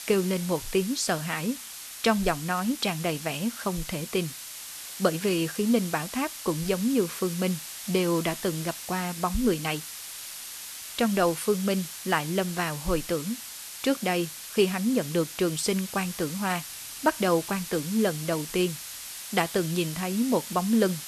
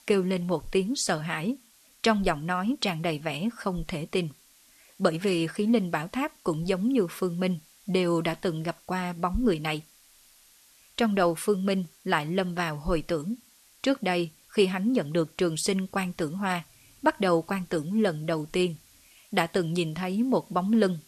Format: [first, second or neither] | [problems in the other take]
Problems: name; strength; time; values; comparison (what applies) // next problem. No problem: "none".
second | hiss; loud; throughout; 9 dB below the speech; faint in the second